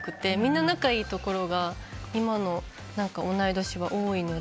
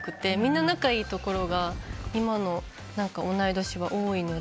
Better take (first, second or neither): first